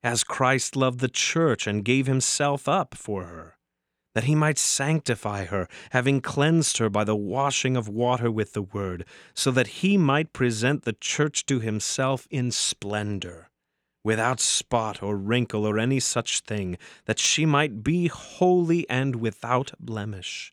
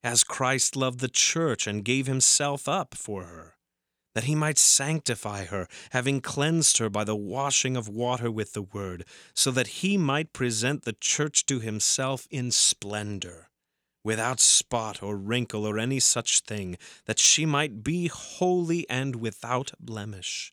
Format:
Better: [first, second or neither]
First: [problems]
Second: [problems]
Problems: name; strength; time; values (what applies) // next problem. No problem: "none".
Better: second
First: muffled; slightly; fading above 3.5 kHz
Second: none